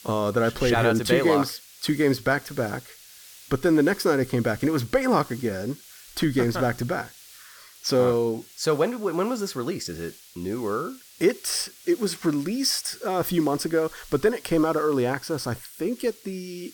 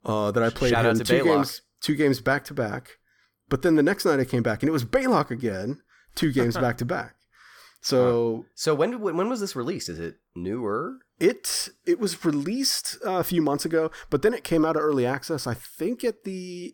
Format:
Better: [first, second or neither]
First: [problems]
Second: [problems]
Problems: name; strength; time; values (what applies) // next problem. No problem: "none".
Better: second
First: hiss; faint; throughout; 20 dB below the speech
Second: none